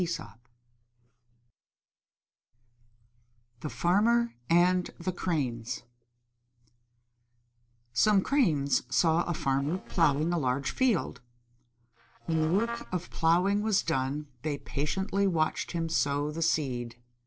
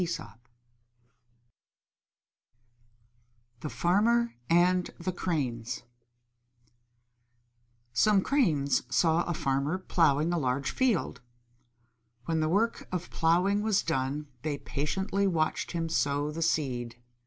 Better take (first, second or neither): second